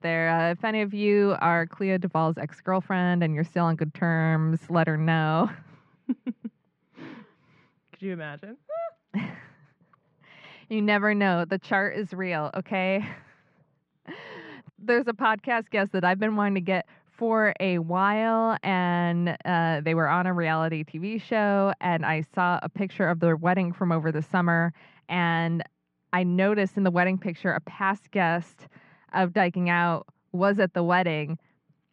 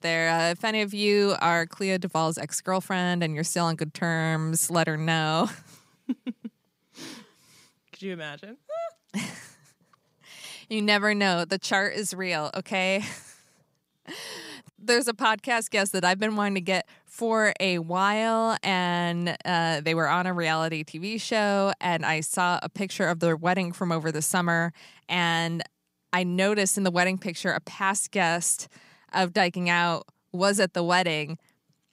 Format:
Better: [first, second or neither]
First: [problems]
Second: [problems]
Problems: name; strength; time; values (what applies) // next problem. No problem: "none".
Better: second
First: muffled; very; fading above 2.5 kHz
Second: none